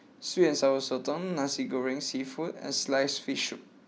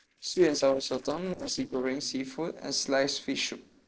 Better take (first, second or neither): first